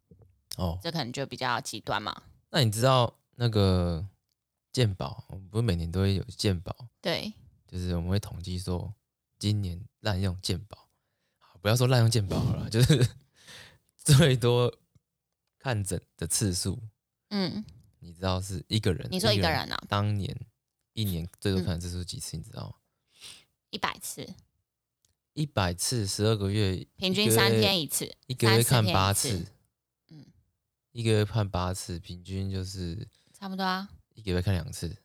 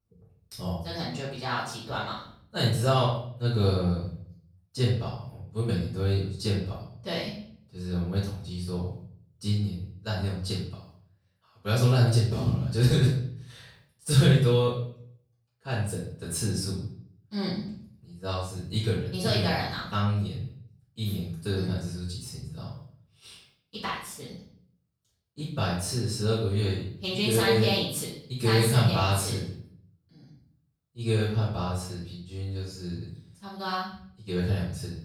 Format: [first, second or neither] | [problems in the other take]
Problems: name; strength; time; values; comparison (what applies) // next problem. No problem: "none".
first | off-mic speech; far // room echo; noticeable; dies away in 0.5 s